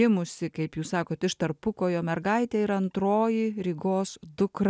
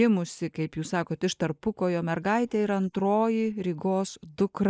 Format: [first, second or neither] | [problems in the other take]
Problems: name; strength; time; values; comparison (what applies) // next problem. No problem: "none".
first | noise reduction (neural mask model Resemble Enhance denoiser)